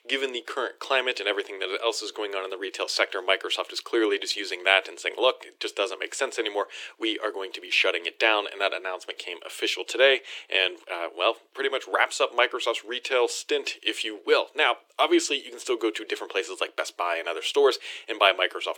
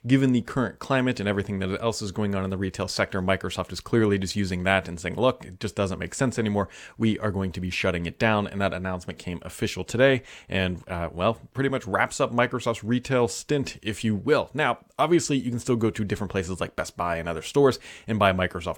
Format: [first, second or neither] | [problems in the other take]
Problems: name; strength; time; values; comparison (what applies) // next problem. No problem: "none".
second | thin; very; fading below 300 Hz